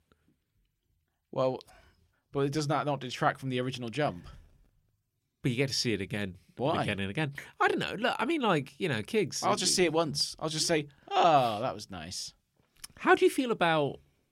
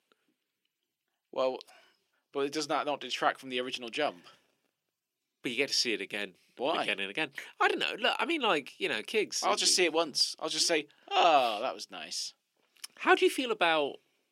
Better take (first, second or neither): first